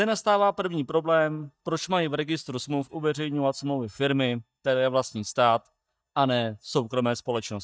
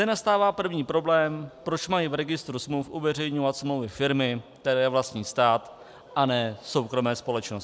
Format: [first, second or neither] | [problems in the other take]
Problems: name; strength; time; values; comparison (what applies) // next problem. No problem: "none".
second | noise reduction (neural mask model DeepFilterNet 3)